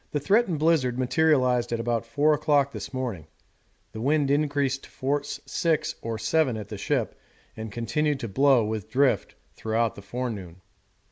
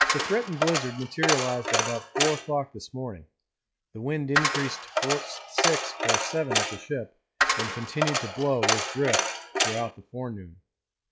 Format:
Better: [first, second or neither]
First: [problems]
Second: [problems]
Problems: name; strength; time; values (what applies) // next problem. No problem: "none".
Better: first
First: none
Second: noise reduction (classical method log-MMSE)